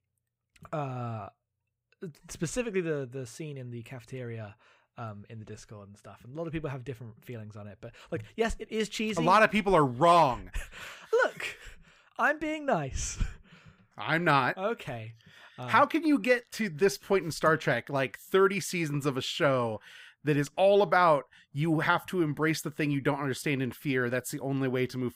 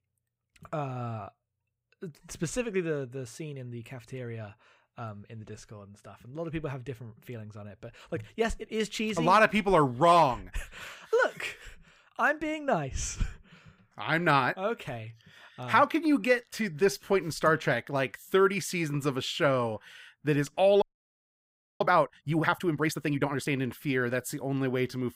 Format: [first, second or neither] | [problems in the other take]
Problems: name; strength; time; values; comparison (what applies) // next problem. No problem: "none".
first | audio freezing; at 21 s for 1 s